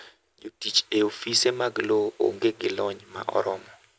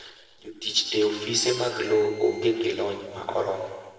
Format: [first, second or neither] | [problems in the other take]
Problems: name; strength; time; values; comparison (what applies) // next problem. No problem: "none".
first | background sound (Harmonica); 19 dB below the speech // room echo; dies away in 1.2 s